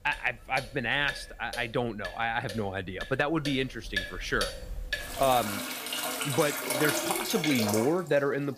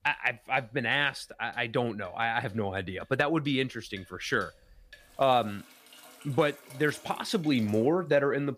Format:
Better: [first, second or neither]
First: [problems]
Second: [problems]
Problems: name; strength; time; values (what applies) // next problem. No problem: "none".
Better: second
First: household noises; loud; throughout; 4 dB below the speech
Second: household noises; faint; throughout; 25 dB below the speech